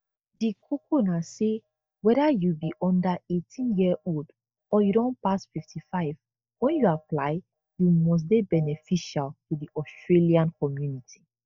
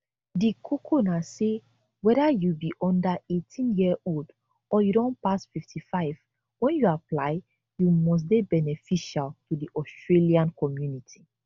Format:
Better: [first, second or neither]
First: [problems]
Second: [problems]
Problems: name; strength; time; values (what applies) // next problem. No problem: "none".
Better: second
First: noise reduction (neural mask model DeepFilterNet 3)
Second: none